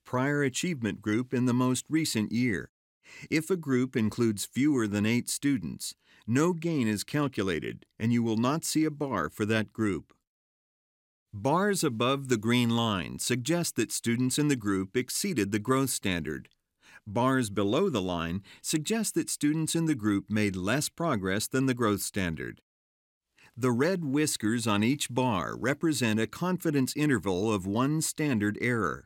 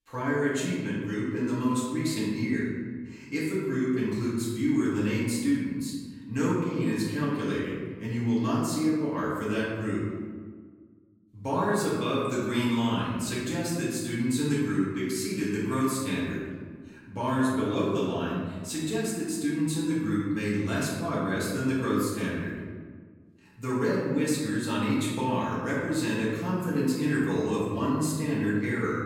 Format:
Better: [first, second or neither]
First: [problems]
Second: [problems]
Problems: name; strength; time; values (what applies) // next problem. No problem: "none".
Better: first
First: none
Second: off-mic speech; far // room echo; noticeable; dies away in 1.4 s